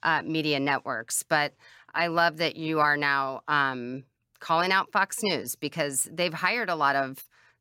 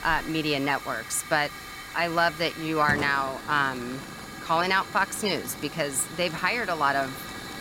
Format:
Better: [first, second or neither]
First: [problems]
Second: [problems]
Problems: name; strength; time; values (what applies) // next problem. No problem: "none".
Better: first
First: none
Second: hiss; noticeable; throughout; 10 dB below the speech